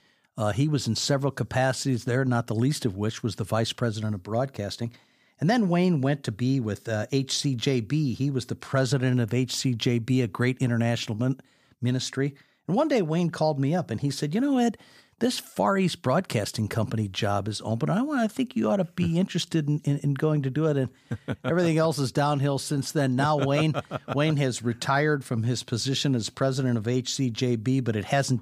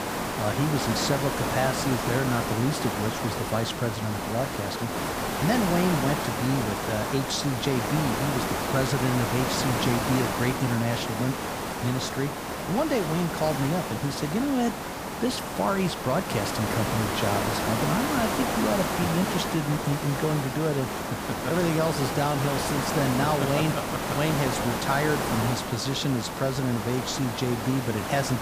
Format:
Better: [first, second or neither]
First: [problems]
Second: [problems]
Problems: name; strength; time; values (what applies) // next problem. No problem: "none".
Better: first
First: none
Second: hiss; loud; throughout; 1 dB below the speech